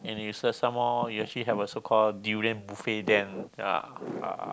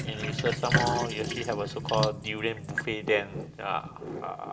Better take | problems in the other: first | background sound (Sink (filling or washing)); 2 dB below the speech // room echo; dies away in 0.3 s

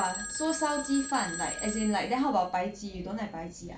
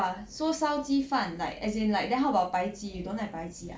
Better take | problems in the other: second | background sound (Telephone); 8 dB below the speech

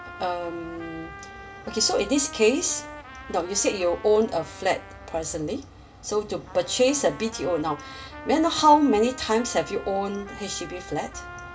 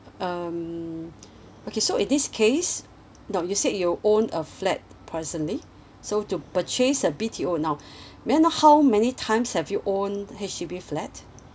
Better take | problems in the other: second | background sound (Trumpet); 17 dB below the speech // room echo; dies away in 0.2 s

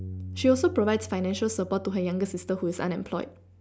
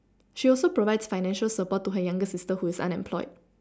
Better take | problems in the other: second | background sound (Bass guitar); 14 dB below the speech

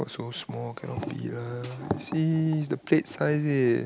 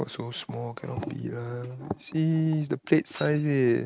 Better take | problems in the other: first | noise reduction (neural mask model RNNoise)

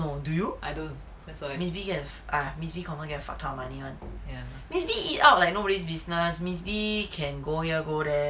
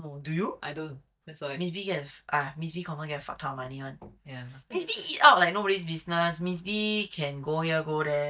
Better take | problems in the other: first | noise reduction (neural mask model DeepFilterNet 3)

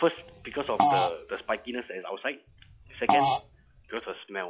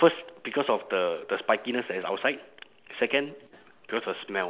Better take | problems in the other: second | noise reduction (classical method log-MMSE)

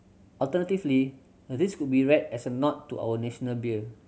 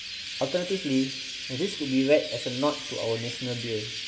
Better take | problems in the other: first | background sound (Chirp, tweet); 8 dB below the speech // room echo; dies away in 0.3 s

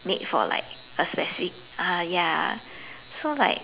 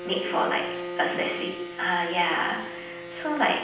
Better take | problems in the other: first | background sound (Bowed string instrument); 8 dB below the speech // room echo; dies away in 0.9 s

